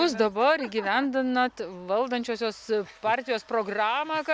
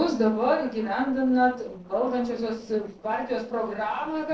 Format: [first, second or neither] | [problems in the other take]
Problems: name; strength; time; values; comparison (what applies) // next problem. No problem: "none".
first | noise reduction (neural separator model SepFormer DNS4)